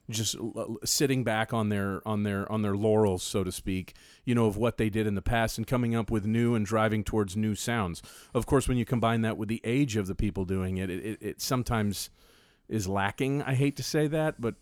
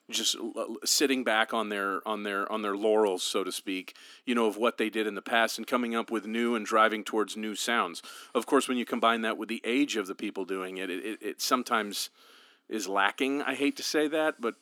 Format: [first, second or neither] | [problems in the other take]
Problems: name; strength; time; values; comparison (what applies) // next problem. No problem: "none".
first | thin; somewhat; fading below 250 Hz